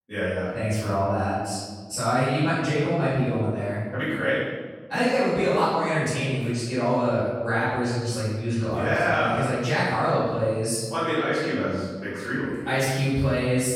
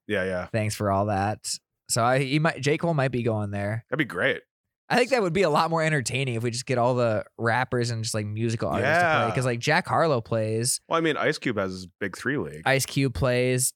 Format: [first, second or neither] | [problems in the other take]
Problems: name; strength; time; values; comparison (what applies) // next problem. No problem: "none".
second | off-mic speech; far // room echo; strong; dies away in 1.3 s